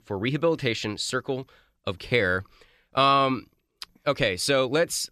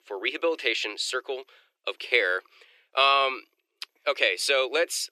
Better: first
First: none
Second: thin; very; fading below 350 Hz

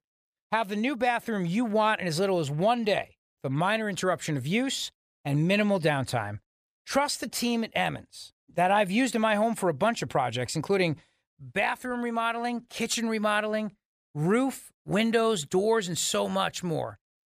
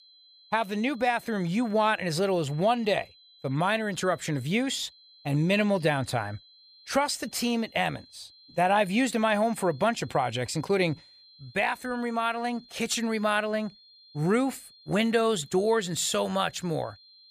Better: first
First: none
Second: high-pitched whine; faint; throughout; 4 kHz, 25 dB below the speech

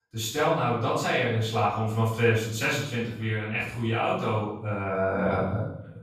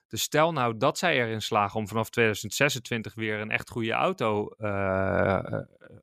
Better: second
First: off-mic speech; far // room echo; noticeable; dies away in 0.7 s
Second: none

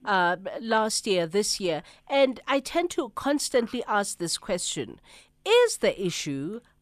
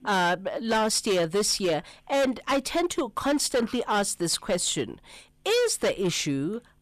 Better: first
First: none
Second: distortion; heavy; 13% of the sound clipped

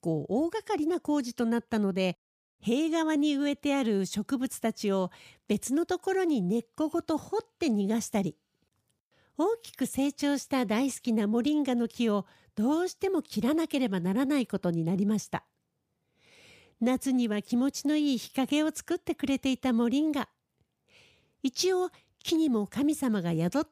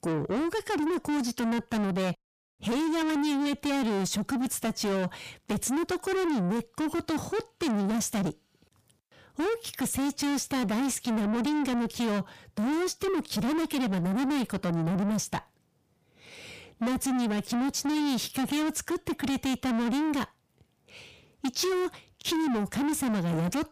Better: first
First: none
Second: distortion; heavy; 7 dB below the speech

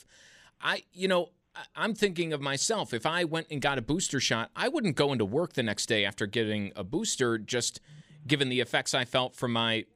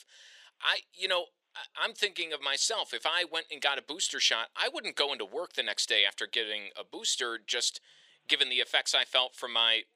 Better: first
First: none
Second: thin; very; fading below 500 Hz

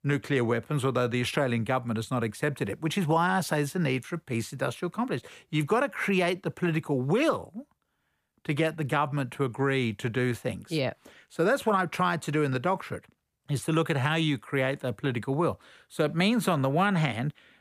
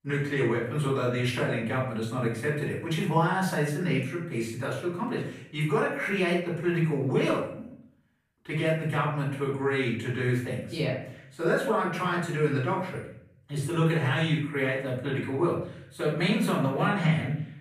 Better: first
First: none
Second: off-mic speech; far // room echo; noticeable; dies away in 0.6 s

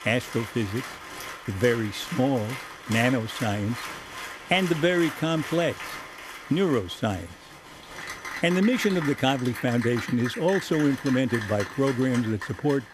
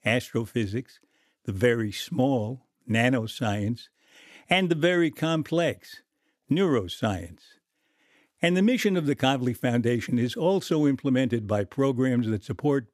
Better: second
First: crowd noise; noticeable; throughout; 10 dB below the speech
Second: none

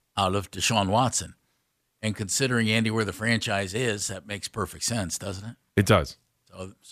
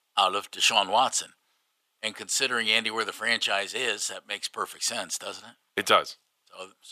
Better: first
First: none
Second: thin; very; fading below 450 Hz

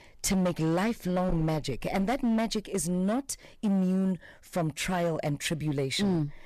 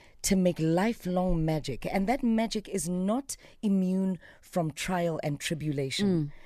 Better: second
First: distortion; slight; 12% of the sound clipped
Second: none

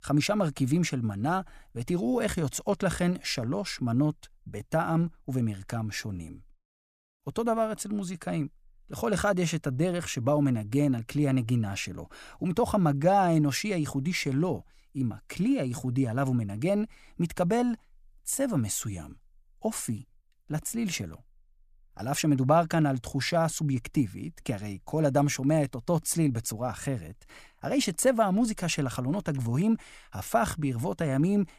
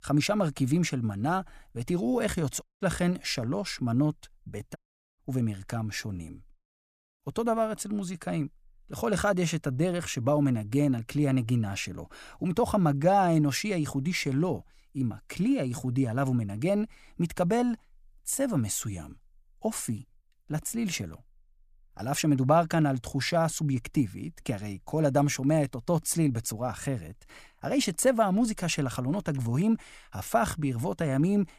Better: first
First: none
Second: audio cutting out; at 2.5 s and at 5 s

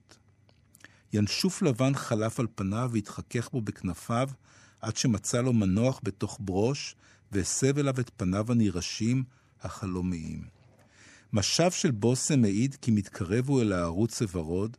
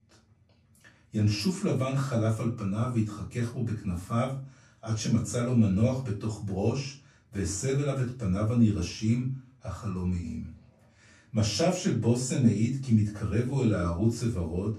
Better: first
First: none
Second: off-mic speech; far // room echo; slight; dies away in 0.3 s

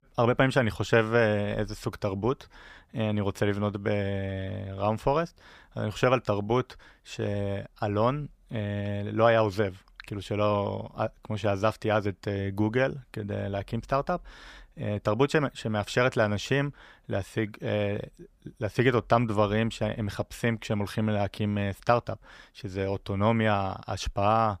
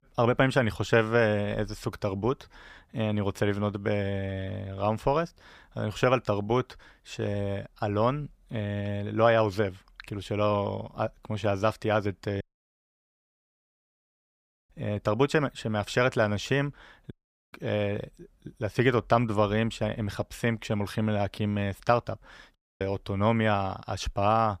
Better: first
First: none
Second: audio cutting out; at 12 s for 2.5 s, at 17 s and at 23 s

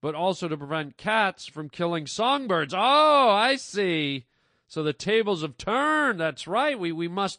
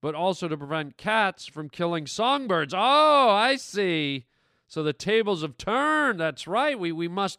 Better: second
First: garbled, watery; slightly; nothing above 9 kHz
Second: none

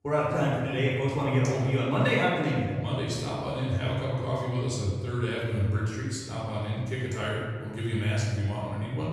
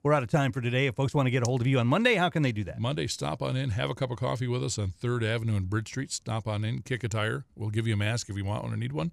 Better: second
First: room echo; noticeable; dies away in 1.4 s // off-mic speech; far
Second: none

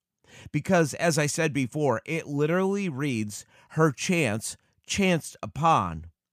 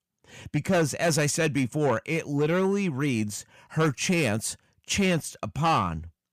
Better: first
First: none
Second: distortion; slight; 10 dB below the speech

